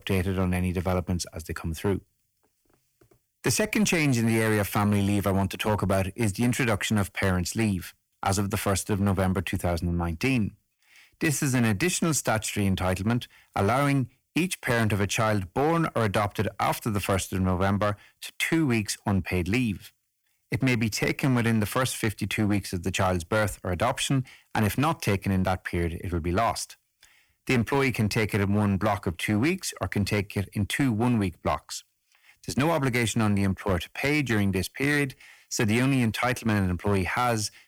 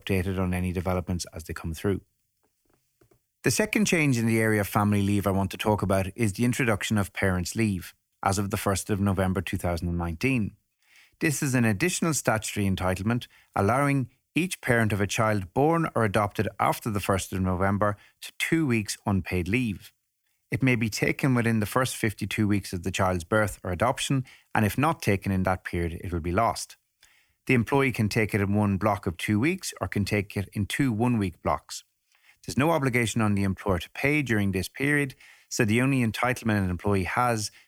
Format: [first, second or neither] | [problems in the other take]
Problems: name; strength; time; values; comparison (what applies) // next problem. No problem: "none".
second | distortion; slight; 6% of the sound clipped